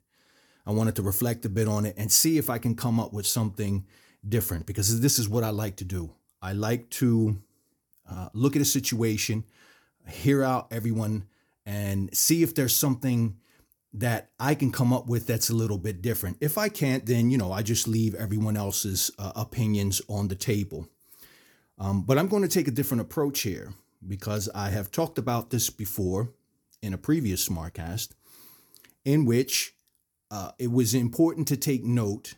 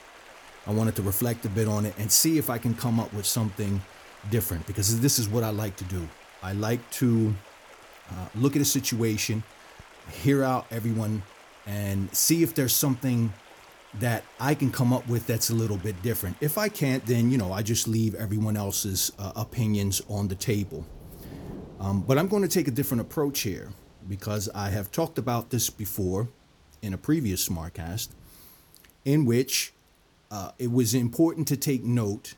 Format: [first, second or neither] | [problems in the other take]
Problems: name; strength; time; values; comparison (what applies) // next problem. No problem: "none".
first | rain or running water; faint; throughout; 25 dB below the speech